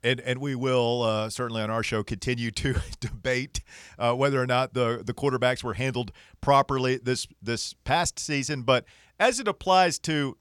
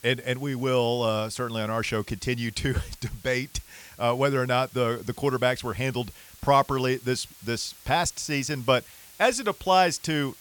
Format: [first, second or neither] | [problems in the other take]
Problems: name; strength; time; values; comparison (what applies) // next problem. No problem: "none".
first | hiss; faint; throughout; 20 dB below the speech